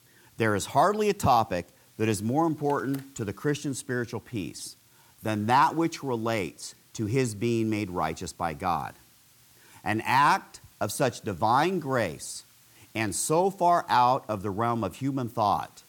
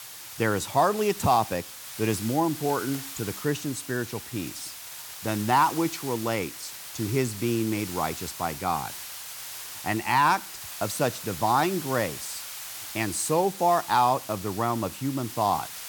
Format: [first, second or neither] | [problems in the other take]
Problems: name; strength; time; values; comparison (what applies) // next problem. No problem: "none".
first | hiss; loud; throughout; 10 dB below the speech; faint in the first